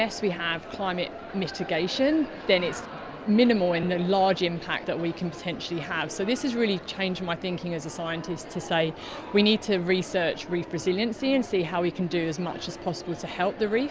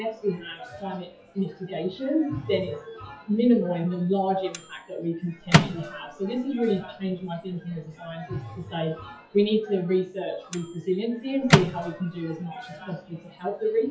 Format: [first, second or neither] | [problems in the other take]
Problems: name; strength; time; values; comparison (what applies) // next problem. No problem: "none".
first | noise reduction (classical method WPE with log-MMSE)